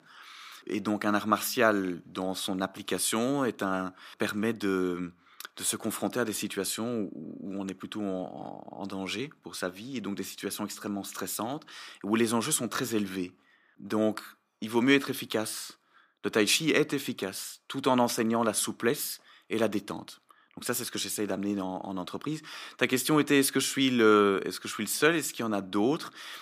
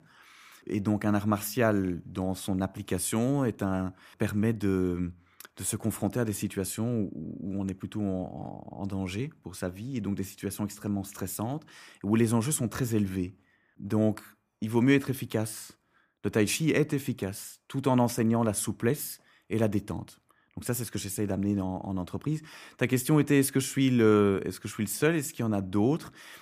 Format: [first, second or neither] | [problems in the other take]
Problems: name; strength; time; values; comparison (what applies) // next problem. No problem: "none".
second | thin; very slightly; fading below 250 Hz